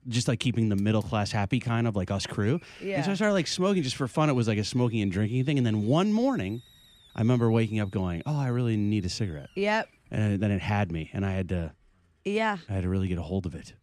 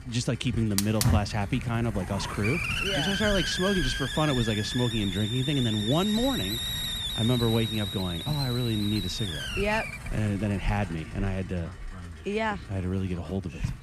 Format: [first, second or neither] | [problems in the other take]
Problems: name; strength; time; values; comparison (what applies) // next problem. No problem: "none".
first | hiss; loud; throughout; 3 dB below the speech; faint in the first